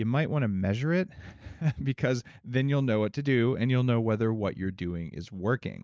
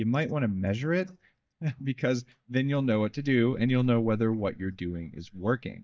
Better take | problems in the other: first | noise reduction (neural mask model DeepFilterNet 3)

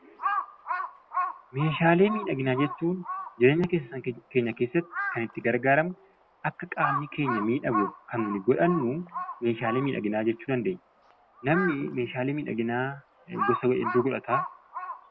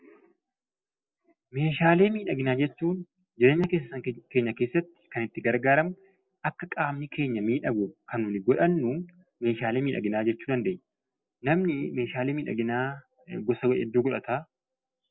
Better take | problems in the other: second | background sound (Crow); 8 dB below the speech

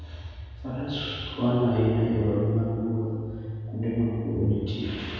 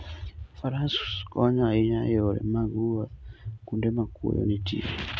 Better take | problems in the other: second | room echo; dies away in 1.9 s

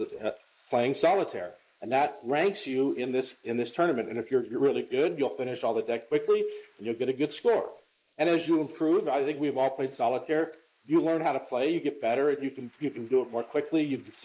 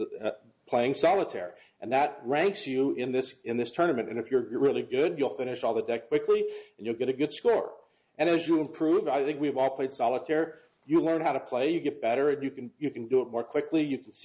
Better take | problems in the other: second | noise reduction (neural mask model Resemble Enhance denoiser)

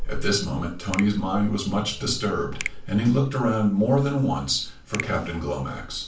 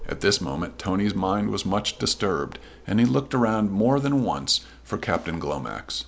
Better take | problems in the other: second | background sound (Finger snapping); 15 dB below the speech // room echo; dies away in 0.3 s

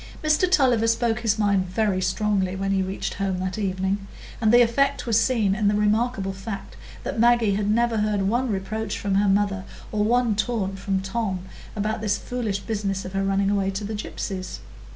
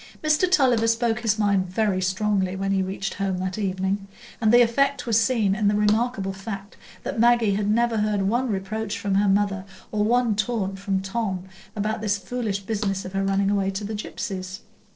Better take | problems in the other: first | noise reduction (neural separator model SepFormer DNS4)

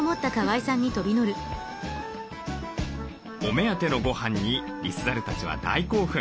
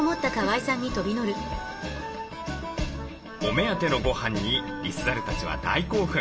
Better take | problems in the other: first | room echo; dies away in 2.9 s

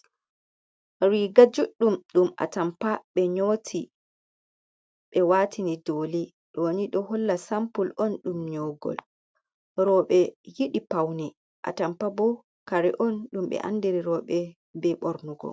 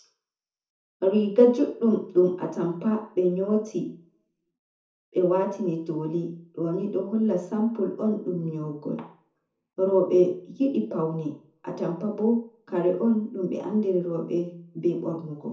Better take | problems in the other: first | room echo; dies away in 0.6 s

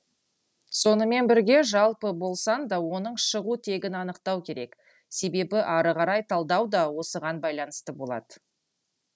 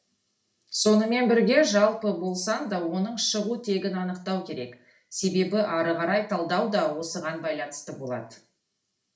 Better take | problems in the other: first | room echo; dies away in 0.4 s

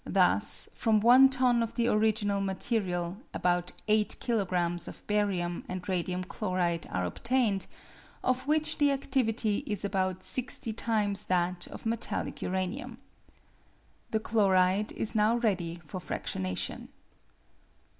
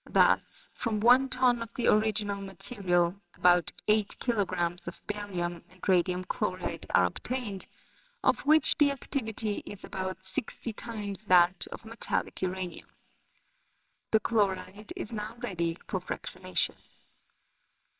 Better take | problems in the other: first | noise reduction (neural separator model SepFormer WHAMR!)

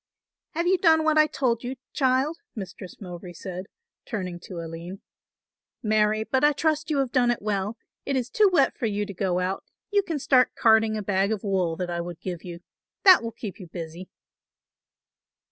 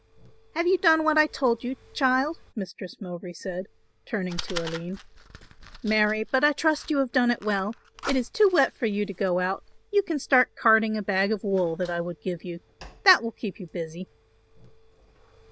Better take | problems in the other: first | background sound (Fire); 17 dB below the speech

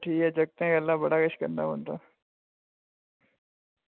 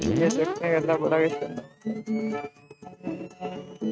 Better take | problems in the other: first | noise reduction (neural mask model RNNoise)

